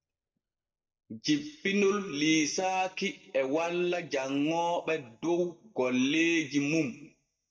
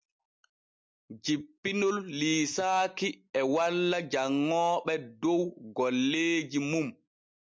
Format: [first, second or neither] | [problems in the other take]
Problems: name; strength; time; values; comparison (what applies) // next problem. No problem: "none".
second | noise reduction (neural mask model DeepFilterNet 3)